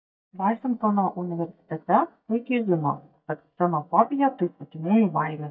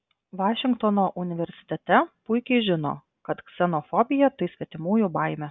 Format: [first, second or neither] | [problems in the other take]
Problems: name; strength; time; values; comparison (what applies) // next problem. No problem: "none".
second | noise reduction (neural mask model DeepFilterNet 3)